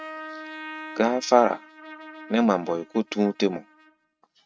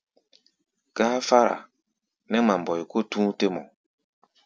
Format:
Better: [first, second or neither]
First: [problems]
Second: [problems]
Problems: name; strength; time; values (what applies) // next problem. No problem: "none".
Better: second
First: noise reduction (neural mask model RNNoise)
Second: none